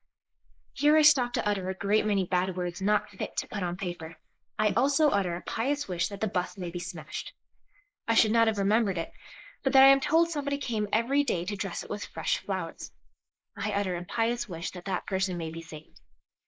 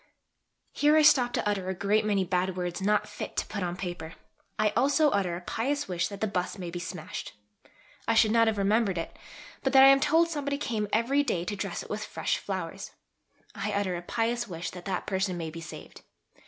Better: second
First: noise reduction (neural mask model Resemble Enhance denoiser)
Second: none

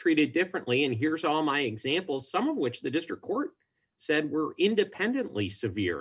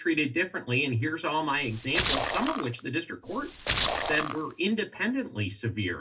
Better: first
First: none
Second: background sound (Splash, splatter); 2 dB below the speech // room echo; dies away in 0.2 s

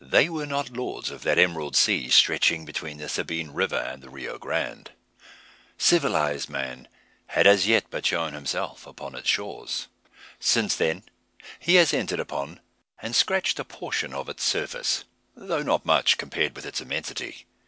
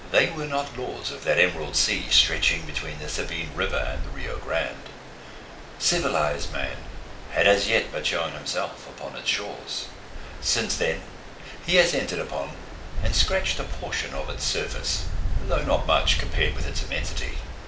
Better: first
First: none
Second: background sound (Stream); 4 dB below the speech // room echo; dies away in 0.6 s

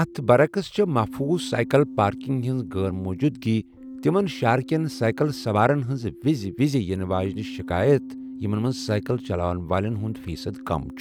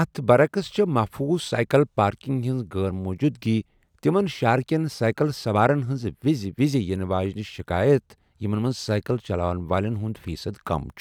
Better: second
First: background sound (Keyboard (musical)); 14 dB below the speech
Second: none

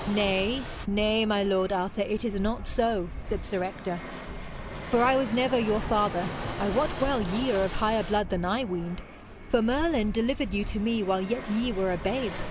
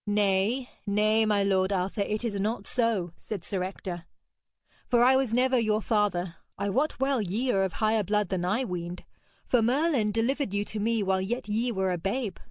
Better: second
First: background sound (Fixed-wing aircraft, airplane); 8 dB below the speech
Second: none

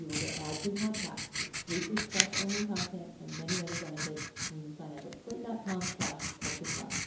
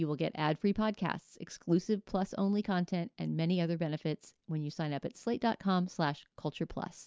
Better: second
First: background sound (Writing); 1 dB above the speech // room echo; dies away in 2.8 s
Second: none

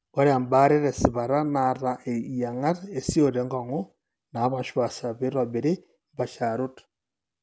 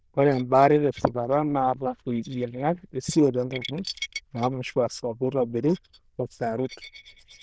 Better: first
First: none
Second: noise reduction (neural diffusion model UNIVERSE++)

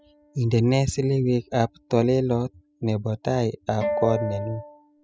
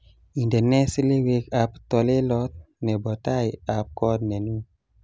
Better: second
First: noise reduction (classical method spectral subtraction)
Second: none

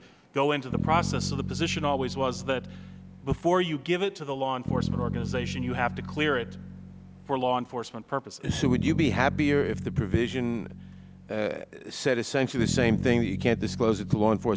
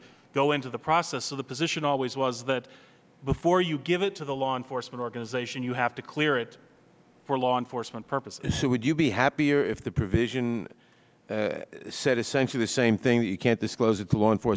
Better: second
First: background sound (Bass guitar); 6 dB below the speech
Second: none

